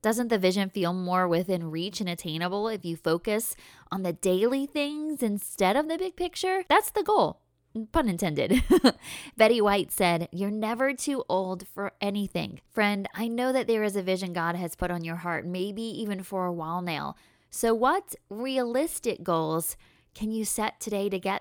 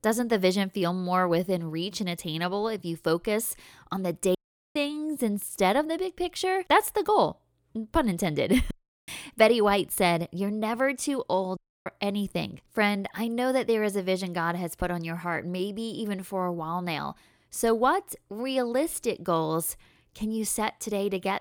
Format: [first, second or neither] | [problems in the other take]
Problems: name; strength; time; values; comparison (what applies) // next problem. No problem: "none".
first | audio cutting out; at 4.5 s, at 8.5 s and at 12 s